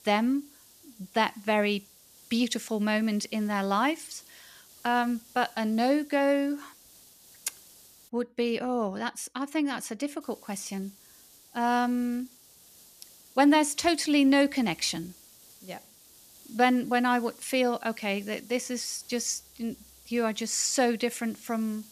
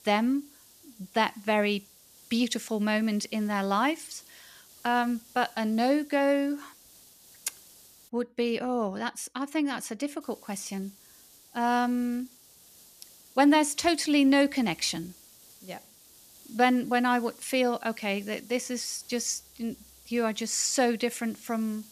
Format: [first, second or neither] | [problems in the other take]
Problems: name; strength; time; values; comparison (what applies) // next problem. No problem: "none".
neither | hiss; faint; until 8 s and from 10 s on; 25 dB below the speech; the same in both